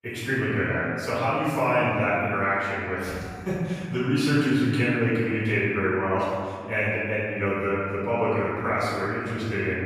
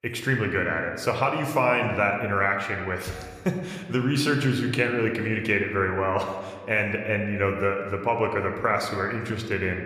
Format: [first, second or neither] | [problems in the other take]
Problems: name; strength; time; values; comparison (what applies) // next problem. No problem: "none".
second | room echo; strong; dies away in 2.1 s; slight in the second // off-mic speech; far